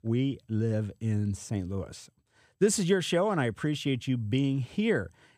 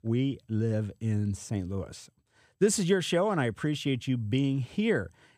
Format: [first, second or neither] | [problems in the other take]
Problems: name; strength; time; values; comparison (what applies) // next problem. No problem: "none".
neither | none